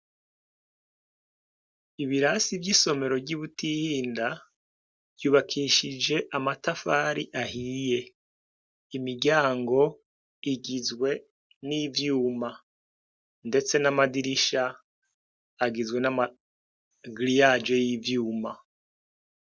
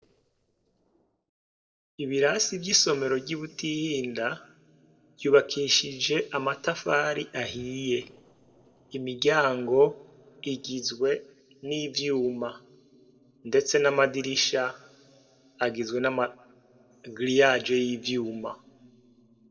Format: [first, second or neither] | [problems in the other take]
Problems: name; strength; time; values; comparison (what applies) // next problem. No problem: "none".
first | noise reduction (neural separator model SepFormer DNS4)